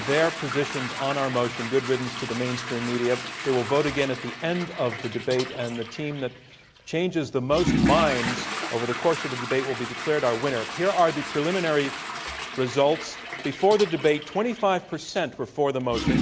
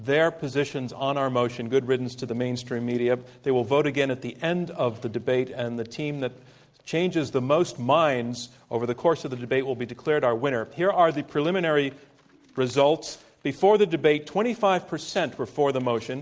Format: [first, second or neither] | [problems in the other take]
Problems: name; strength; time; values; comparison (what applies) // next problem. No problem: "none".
second | background sound (Toilet flush / Water); 6 dB below the speech